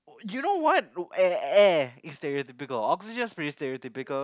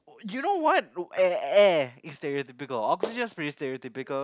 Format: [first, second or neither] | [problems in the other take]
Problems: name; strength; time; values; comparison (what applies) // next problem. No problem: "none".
first | background sound (Clapping); 18 dB below the speech